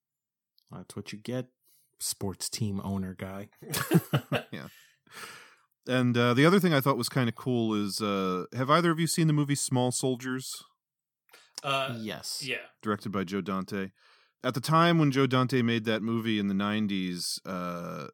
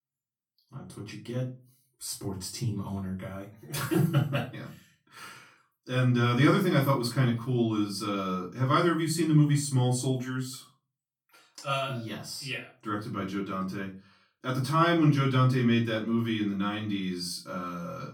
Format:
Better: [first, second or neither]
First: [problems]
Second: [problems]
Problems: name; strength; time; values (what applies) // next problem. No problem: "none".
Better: first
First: none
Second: off-mic speech; far // room echo; slight; dies away in 0.3 s